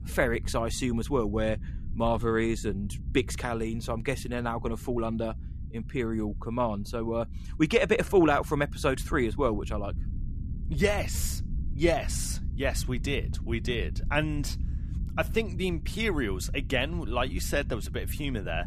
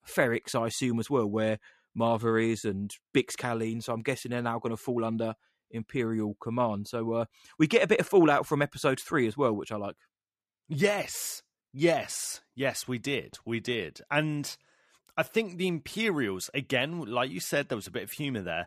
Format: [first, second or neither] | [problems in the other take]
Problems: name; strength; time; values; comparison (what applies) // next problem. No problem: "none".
second | low rumble; faint; throughout; 20 dB below the speech